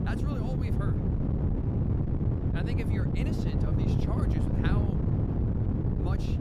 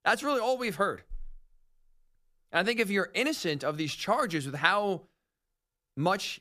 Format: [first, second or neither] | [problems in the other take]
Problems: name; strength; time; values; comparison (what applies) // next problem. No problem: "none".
second | wind noise on the microphone; heavy; 5 dB above the speech